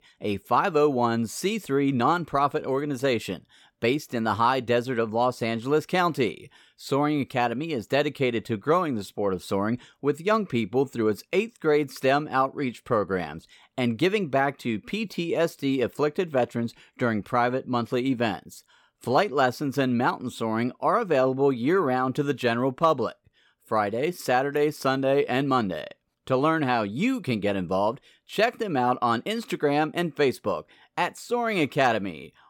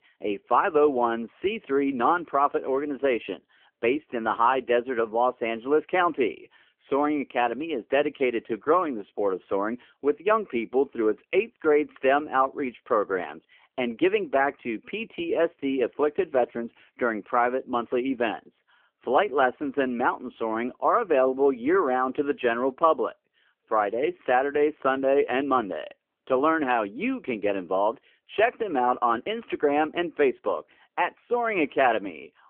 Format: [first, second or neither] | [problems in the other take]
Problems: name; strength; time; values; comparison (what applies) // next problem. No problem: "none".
first | phone-call audio; nothing above 3 kHz